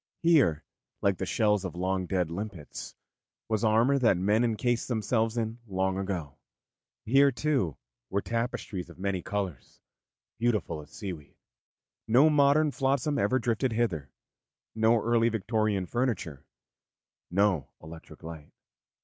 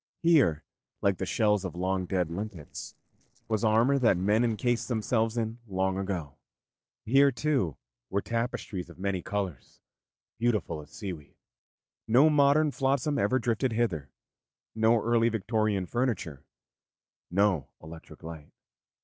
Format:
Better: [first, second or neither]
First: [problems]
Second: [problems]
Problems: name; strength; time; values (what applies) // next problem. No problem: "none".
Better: first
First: none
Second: noise reduction (neural separator model SepFormer DNS4)